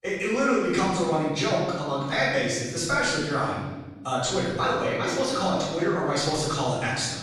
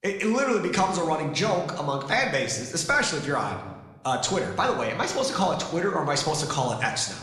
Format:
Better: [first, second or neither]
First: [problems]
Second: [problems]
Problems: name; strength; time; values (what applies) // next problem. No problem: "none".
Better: second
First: room echo; strong; dies away in 1.4 s // off-mic speech; far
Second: room echo; slight; dies away in 0.9 s